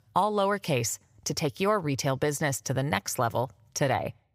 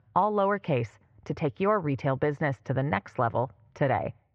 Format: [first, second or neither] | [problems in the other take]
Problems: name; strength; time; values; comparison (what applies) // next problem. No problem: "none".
first | muffled; very; fading above 2 kHz